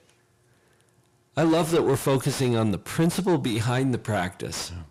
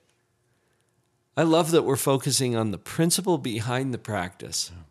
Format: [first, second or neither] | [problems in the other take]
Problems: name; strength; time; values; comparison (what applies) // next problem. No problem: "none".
second | distortion; heavy; 7 dB below the speech